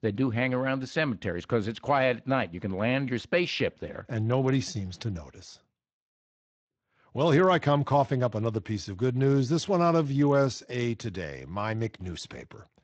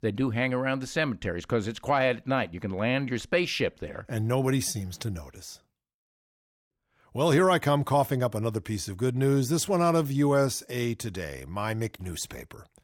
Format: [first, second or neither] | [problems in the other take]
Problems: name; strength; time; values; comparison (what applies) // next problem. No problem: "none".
second | garbled, watery; slightly